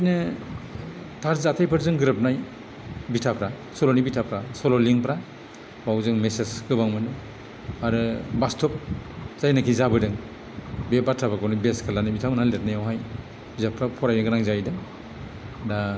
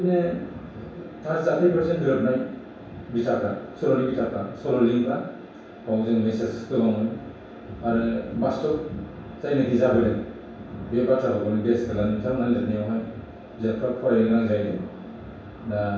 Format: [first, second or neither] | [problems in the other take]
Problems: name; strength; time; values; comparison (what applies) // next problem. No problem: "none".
first | room echo; dies away in 0.7 s